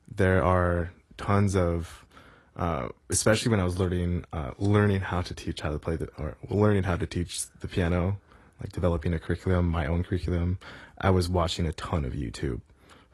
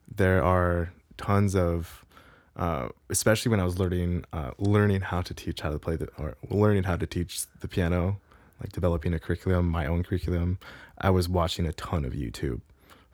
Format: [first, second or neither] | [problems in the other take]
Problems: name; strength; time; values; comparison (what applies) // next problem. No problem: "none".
second | garbled, watery; slightly; nothing above 11 kHz